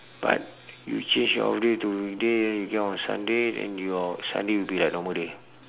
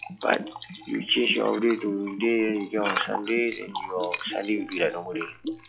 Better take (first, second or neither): first